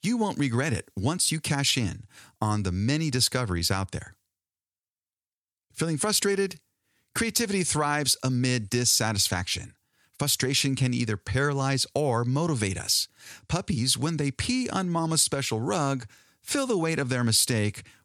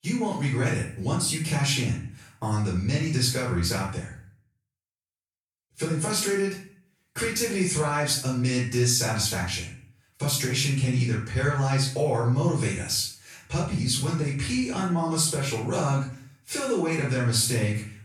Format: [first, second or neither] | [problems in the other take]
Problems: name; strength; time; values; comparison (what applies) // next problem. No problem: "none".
first | off-mic speech; far // room echo; noticeable; dies away in 0.4 s